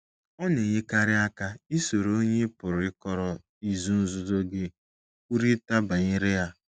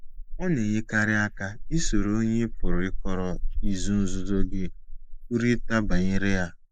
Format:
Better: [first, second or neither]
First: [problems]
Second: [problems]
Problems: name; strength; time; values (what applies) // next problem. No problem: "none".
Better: first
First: none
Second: noise reduction (neural mask model Resemble Enhance denoiser)